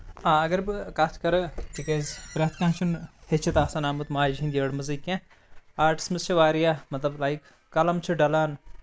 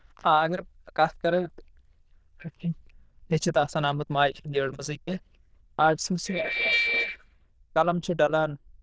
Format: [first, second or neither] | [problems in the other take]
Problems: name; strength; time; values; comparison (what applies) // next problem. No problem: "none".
first | noise reduction (neural diffusion model UNIVERSE++)